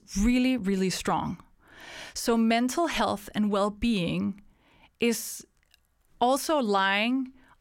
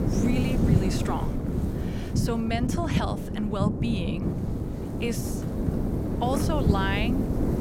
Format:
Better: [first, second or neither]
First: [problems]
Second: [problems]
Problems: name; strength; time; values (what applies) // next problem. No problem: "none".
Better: first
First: none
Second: wind noise on the microphone; heavy; 2 dB below the speech